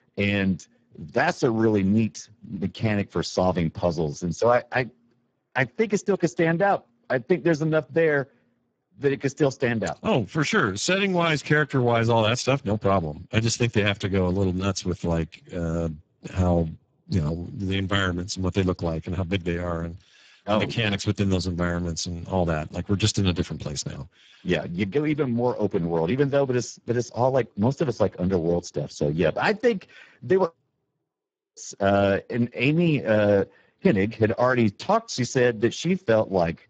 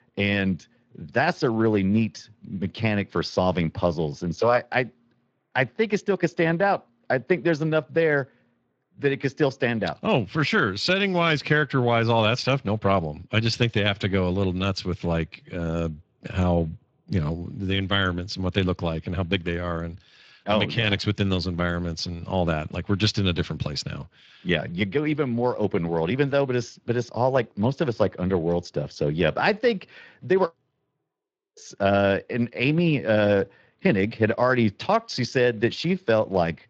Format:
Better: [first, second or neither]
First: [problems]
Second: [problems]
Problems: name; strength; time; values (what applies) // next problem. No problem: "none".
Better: second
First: garbled, watery; badly; nothing above 7.5 kHz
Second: garbled, watery; slightly